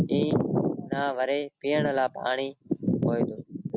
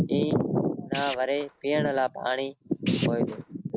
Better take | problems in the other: first | background sound (Tools); 13 dB below the speech

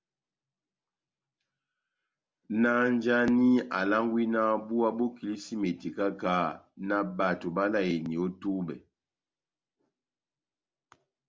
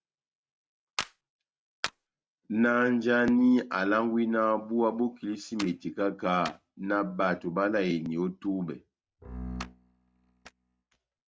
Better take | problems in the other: first | noise reduction (neural mask model RNNoise)

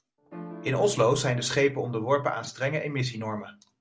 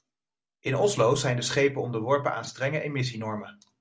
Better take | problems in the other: second | background sound (Piano); 19 dB below the speech

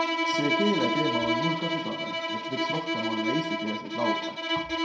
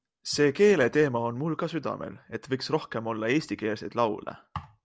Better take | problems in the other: second | background sound (Bowed string instrument); 4 dB above the speech // room echo; dies away in 0.4 s

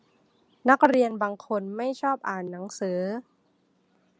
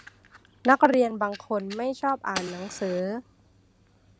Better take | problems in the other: first | background sound (Fire); 17 dB below the speech

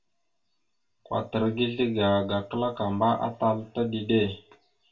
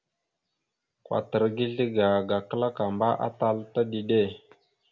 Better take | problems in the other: second | room echo; dies away in 0.2 s

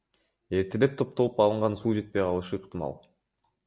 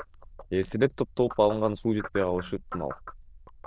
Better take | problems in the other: first | noise reduction (neural diffusion model UNIVERSE++)

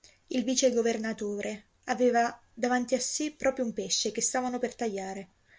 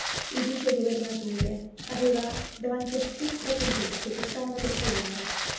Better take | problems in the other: first | background sound (Crumpling, crinkling); 3 dB below the speech // room echo; dies away in 0.8 s

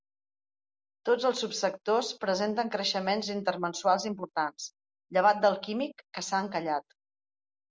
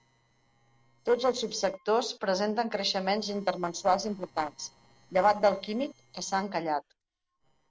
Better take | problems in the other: first | noise reduction (neural separator model SepFormer DNS4)

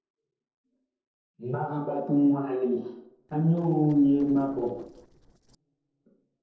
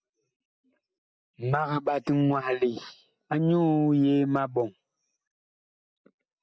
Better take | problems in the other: second | noise reduction (neural separator model SepFormer DNS4)

